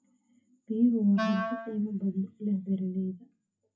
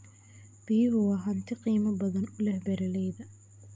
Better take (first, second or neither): second